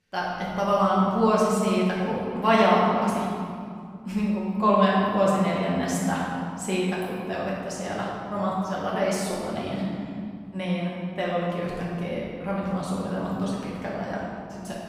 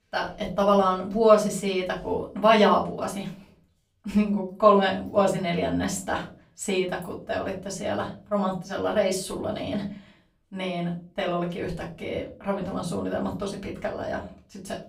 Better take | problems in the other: second | room echo; strong; dies away in 2.4 s; slight in the second // off-mic speech; far; far in the second

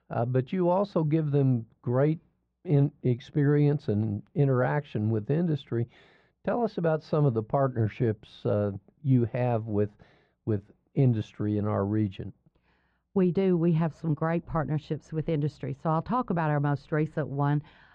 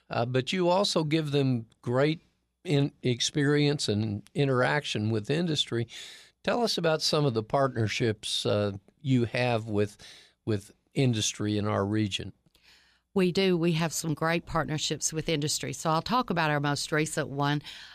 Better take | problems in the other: second | muffled; very; fading above 1 kHz

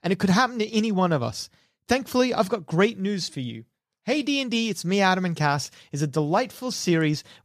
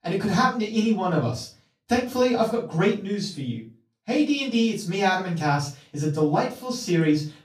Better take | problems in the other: first | off-mic speech; far // room echo; slight; dies away in 0.3 s

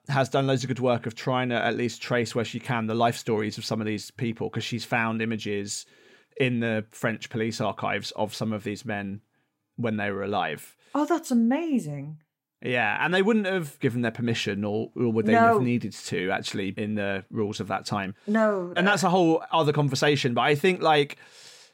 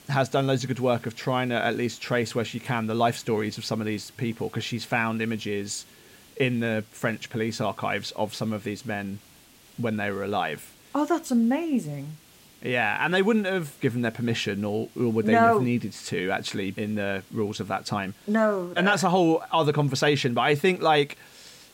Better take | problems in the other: first | hiss; faint; throughout; 25 dB below the speech

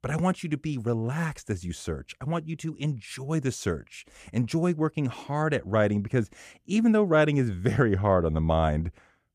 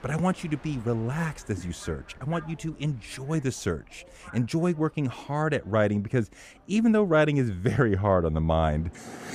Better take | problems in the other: first | train or aircraft noise; faint; throughout; 20 dB below the speech

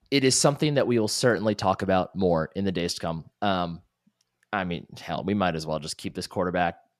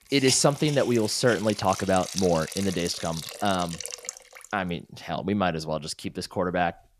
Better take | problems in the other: first | hiss; loud; throughout; 9 dB below the speech

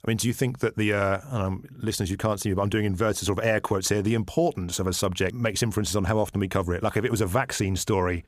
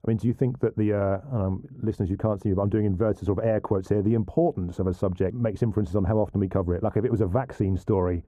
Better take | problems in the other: first | muffled; very; fading above 1.5 kHz

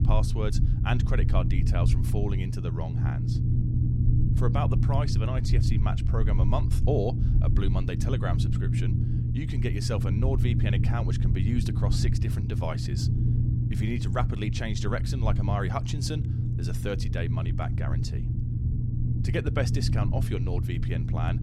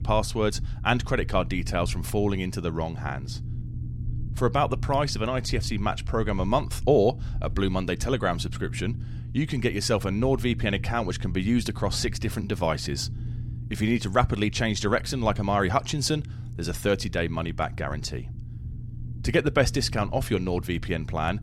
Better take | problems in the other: second | low rumble; loud; throughout; 4 dB below the speech; faint in the second

